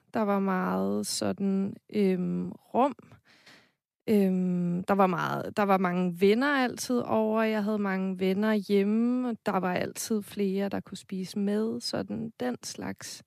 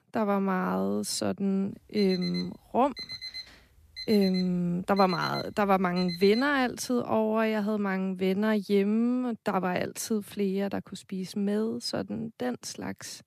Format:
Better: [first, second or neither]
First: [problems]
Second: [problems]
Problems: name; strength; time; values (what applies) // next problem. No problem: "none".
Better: first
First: none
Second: alarm; noticeable; from 2 to 6.5 s; peak 9 dB below the speech